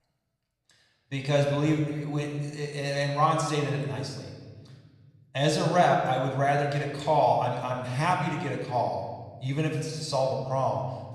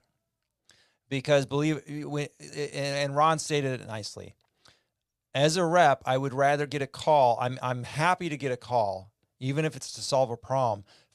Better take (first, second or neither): second